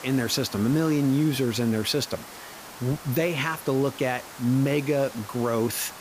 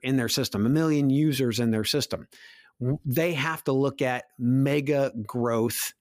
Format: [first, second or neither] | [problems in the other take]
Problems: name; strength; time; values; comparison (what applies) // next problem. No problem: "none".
second | hiss; noticeable; throughout; 15 dB below the speech